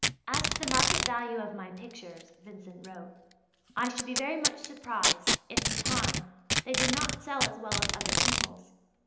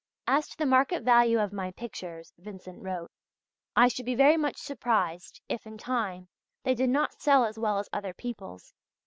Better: second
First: background sound (Packing tape, duct tape); 5 dB above the speech // room echo; dies away in 0.9 s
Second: none

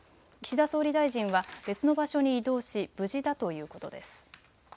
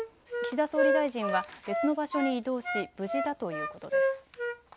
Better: first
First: none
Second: background sound (Wind instrument, woodwind instrument); as loud as the speech

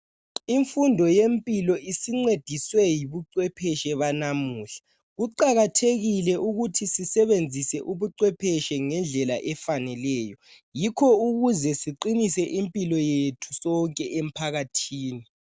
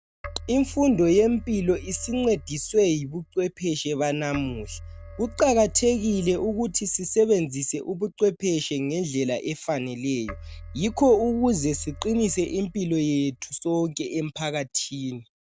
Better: first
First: none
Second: background sound (Keyboard (musical)); 17 dB below the speech

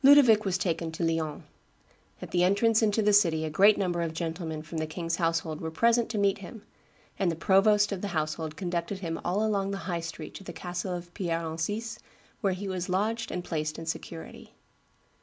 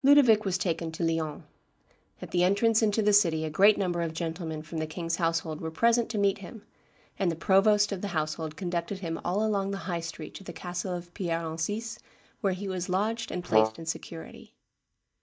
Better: first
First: none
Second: noise reduction (neural mask model DeepFilterNet 3)

